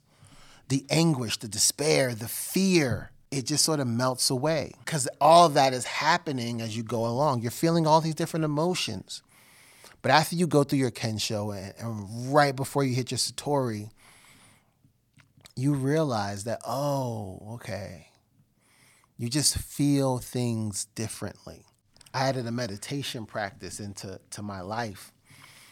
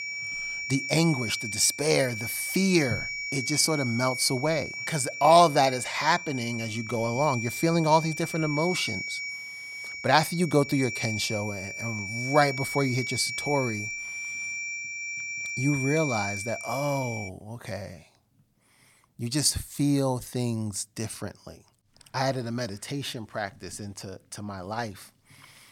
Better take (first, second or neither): first